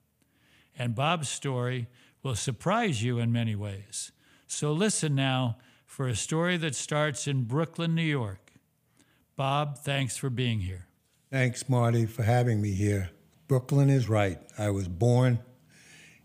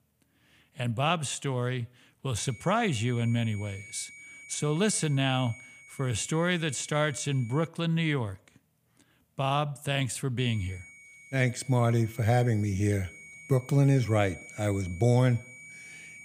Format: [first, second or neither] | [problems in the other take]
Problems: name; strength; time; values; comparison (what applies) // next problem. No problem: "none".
first | high-pitched whine; noticeable; from 2.5 to 7.5 s and from 10 s on; 2.5 kHz, 20 dB below the speech